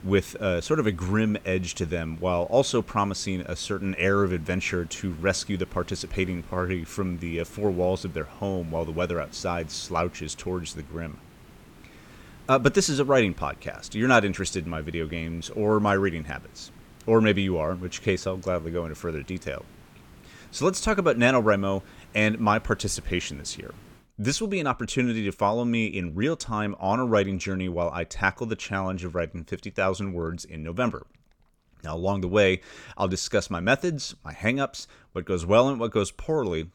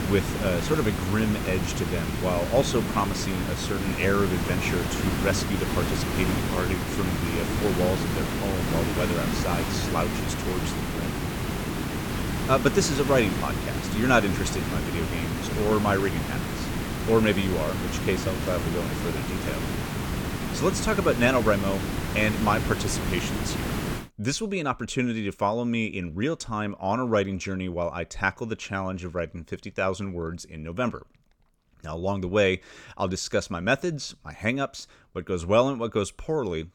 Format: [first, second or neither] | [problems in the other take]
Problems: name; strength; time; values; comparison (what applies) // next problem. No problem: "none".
first | hiss; loud; until 24 s; 2 dB below the speech; faint in the first